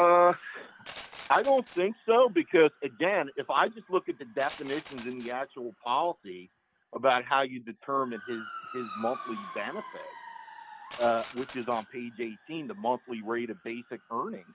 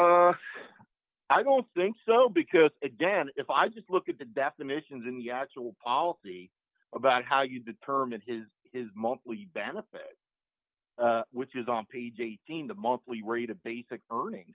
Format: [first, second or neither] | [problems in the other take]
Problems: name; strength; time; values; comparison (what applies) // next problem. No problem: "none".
second | background sound (Glass + Motor vehicle (road) / Siren); 18 dB below the speech